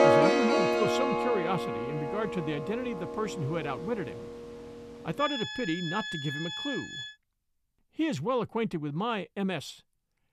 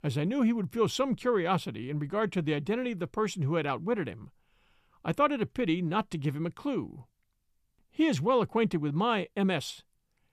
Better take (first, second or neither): second